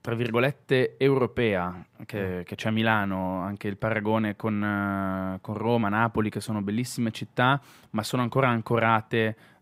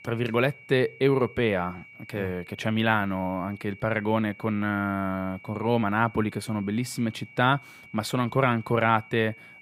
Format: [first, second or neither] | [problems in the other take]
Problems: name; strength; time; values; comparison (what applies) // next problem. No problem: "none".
first | high-pitched whine; faint; throughout; 2.5 kHz, 20 dB below the speech